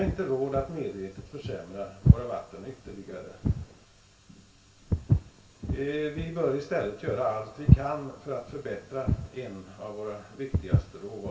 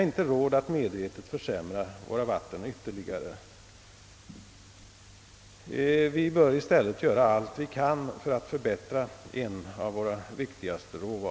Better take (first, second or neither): second